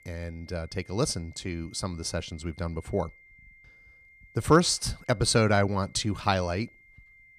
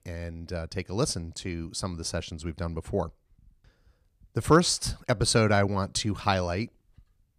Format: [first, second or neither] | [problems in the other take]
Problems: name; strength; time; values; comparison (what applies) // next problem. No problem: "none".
second | high-pitched whine; faint; throughout; 2 kHz, 25 dB below the speech